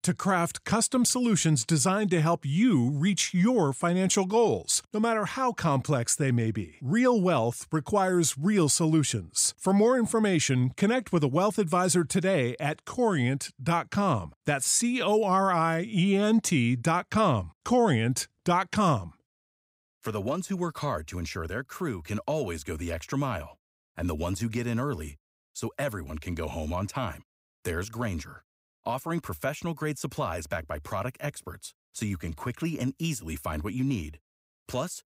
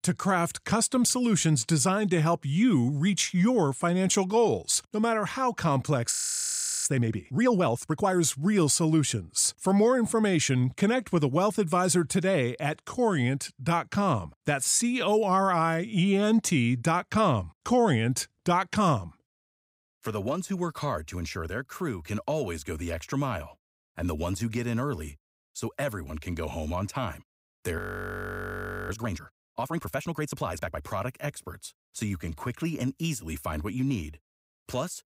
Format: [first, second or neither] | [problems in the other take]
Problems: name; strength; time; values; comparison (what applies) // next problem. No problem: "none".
first | audio freezing; at 6 s for 0.5 s and at 28 s for 1 s